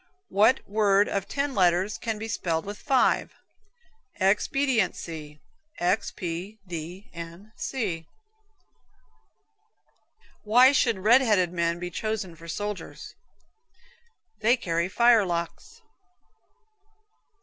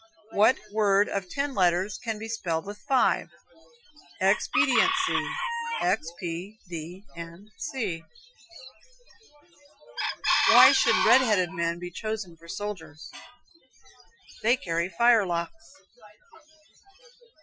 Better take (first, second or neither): first